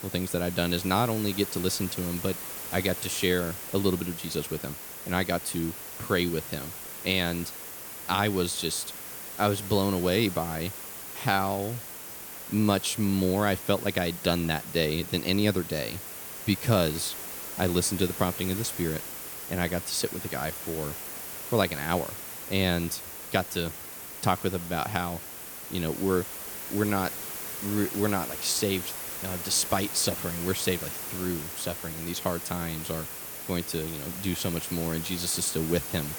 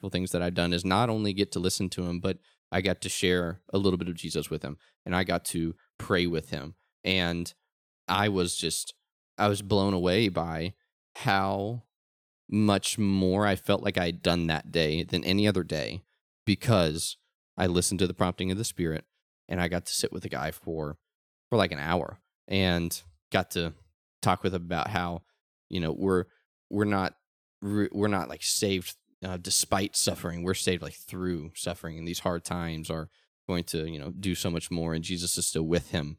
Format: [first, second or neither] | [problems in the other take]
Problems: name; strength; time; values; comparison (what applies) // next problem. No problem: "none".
second | hiss; loud; throughout; 7 dB below the speech